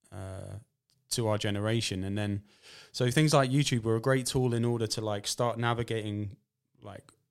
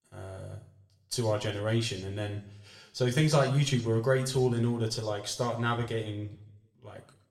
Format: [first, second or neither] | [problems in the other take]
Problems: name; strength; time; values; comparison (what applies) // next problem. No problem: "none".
first | room echo; slight; dies away in 0.6 s // off-mic speech; somewhat distant